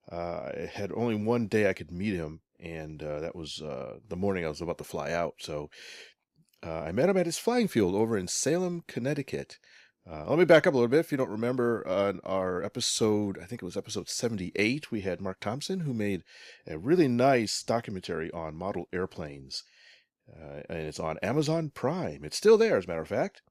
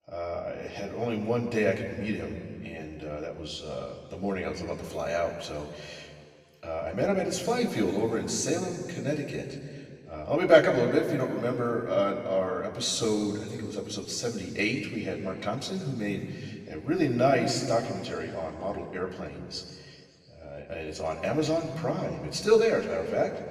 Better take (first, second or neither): first